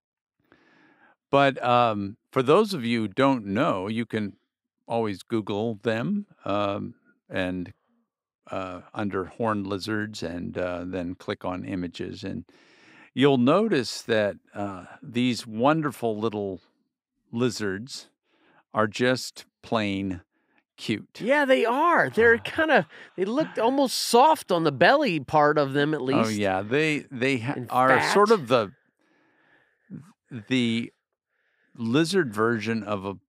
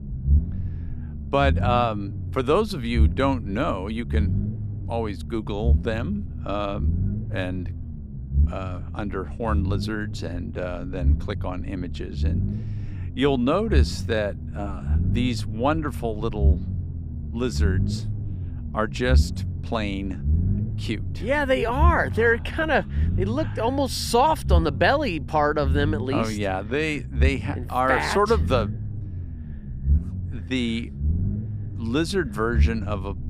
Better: first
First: none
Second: low rumble; noticeable; throughout; 15 dB below the speech

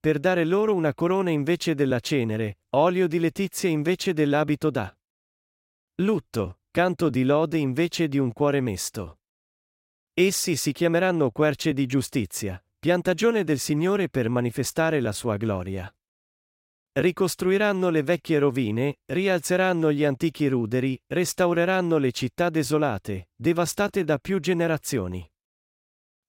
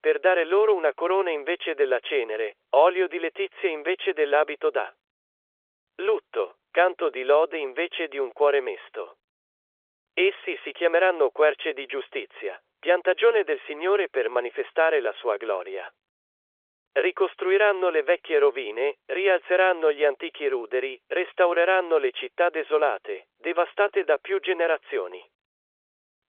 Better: first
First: none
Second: phone-call audio; nothing above 3.5 kHz

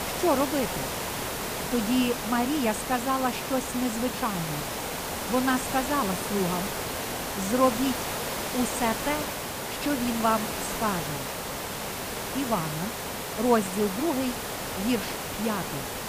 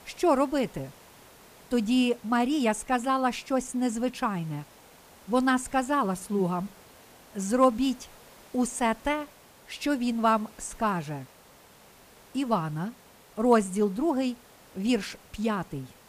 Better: second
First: hiss; loud; throughout; 3 dB below the speech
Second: hiss; faint; throughout; 25 dB below the speech

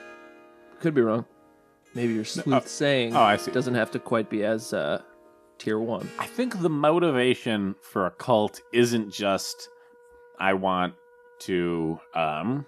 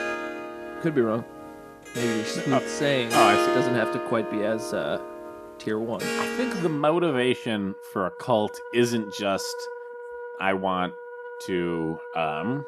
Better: first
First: background music; faint; throughout; 20 dB below the speech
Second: background music; loud; throughout; 5 dB below the speech

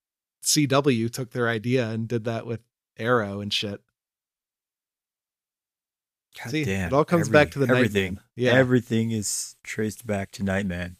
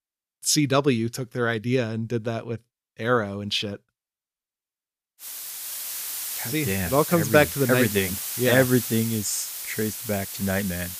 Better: first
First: none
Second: hiss; loud; from 5 s on; 6 dB below the speech

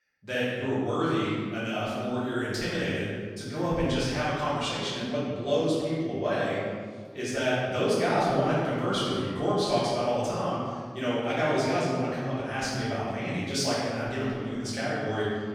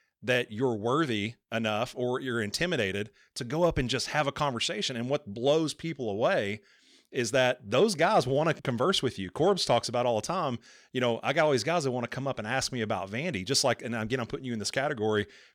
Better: second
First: room echo; strong; dies away in 1.6 s // off-mic speech; far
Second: none

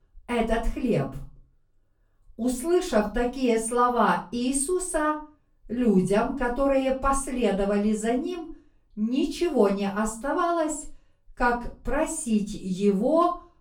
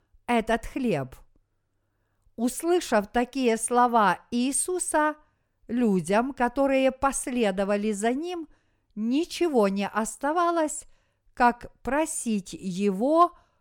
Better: second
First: off-mic speech; far // room echo; slight; dies away in 0.3 s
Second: none

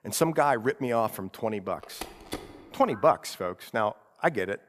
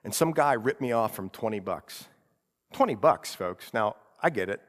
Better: second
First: phone ringing; faint; from 2 to 3 s; peak 10 dB below the speech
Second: none

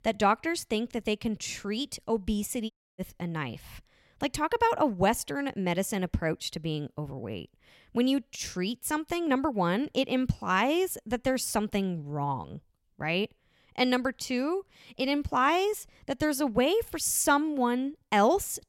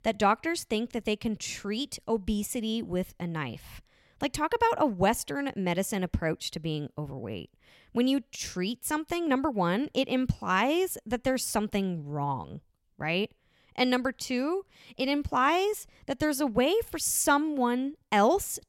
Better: second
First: audio cutting out; at 2.5 s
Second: none

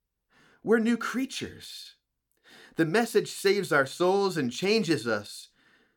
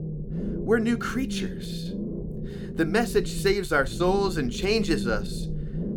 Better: first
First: none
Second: low rumble; noticeable; throughout; 15 dB below the speech

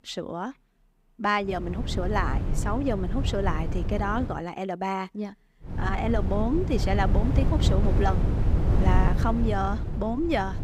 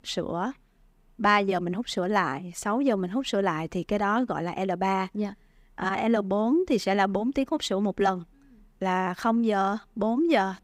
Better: second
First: wind noise on the microphone; heavy; from 1.5 to 4.5 s and from 5.5 s on; 8 dB below the speech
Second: none

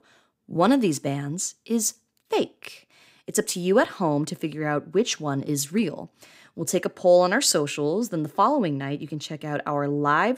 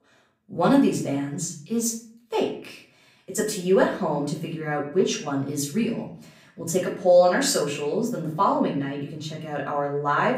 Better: first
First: none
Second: off-mic speech; far // room echo; slight; dies away in 0.5 s

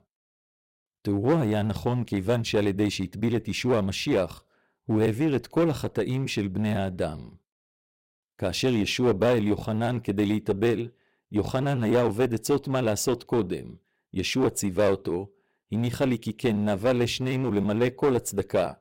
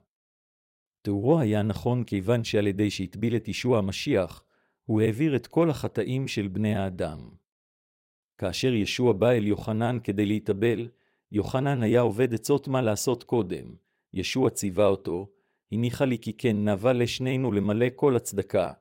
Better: second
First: distortion; slight; 6% of the sound clipped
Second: none

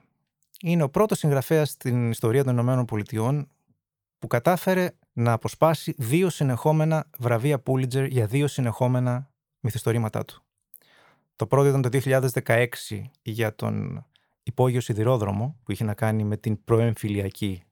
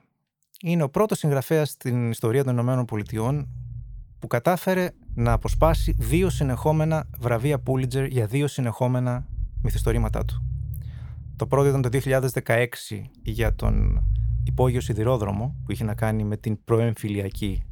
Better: first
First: none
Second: low rumble; faint; from 3 s on; 20 dB below the speech

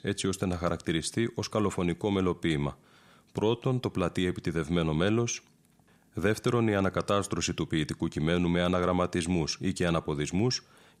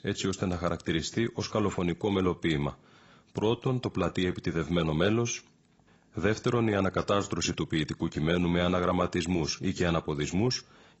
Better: first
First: none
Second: garbled, watery; badly; nothing above 7.5 kHz

